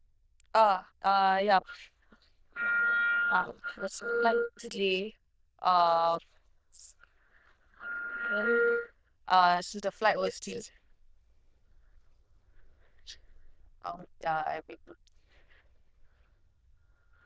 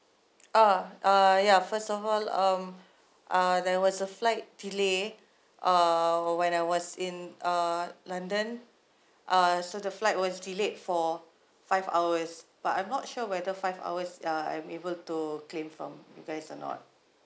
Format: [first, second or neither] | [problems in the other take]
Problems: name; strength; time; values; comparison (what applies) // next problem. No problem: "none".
second | noise reduction (neural diffusion model UNIVERSE++)